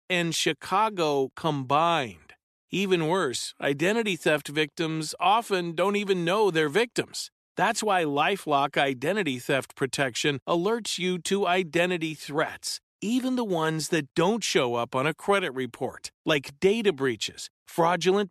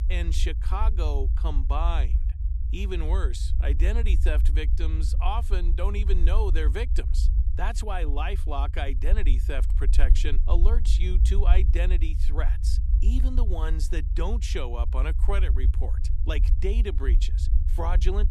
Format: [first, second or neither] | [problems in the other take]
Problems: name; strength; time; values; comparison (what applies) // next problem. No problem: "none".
first | low rumble; noticeable; throughout; 10 dB below the speech